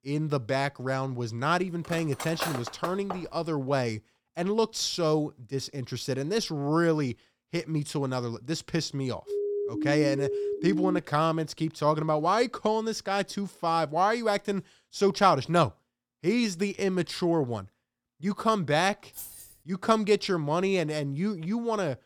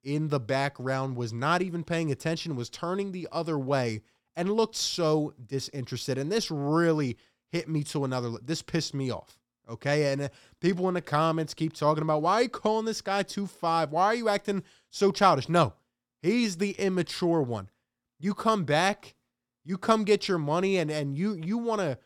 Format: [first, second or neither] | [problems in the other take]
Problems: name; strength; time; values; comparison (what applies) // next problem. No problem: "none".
second | clattering dishes; noticeable; from 2 to 3 s; peak 5 dB below the speech // siren; noticeable; from 9.5 to 11 s; peak 1 dB below the speech // jangling keys; faint; at 19 s; peak 10 dB below the speech